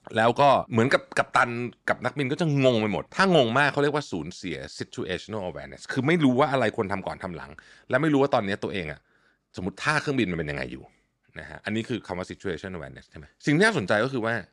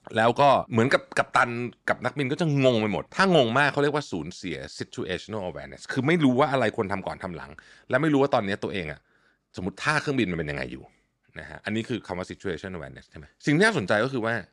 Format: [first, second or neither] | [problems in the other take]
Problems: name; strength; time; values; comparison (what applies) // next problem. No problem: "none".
neither | none